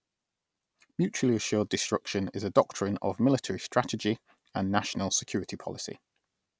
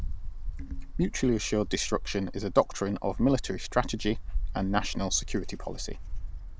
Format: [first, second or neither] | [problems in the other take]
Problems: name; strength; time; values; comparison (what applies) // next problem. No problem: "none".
first | background sound (Wind); 4 dB below the speech